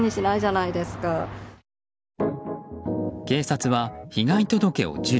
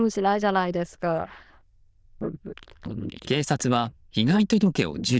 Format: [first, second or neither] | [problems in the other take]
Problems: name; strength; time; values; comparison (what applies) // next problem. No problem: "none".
first | noise reduction (neural diffusion model UNIVERSE++)